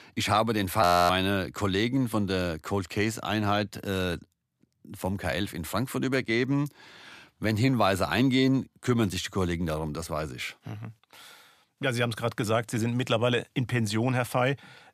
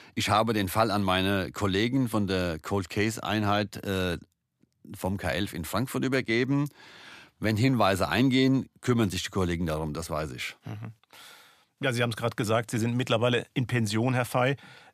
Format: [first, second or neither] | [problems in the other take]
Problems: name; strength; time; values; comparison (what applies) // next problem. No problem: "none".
second | audio freezing; at 1 s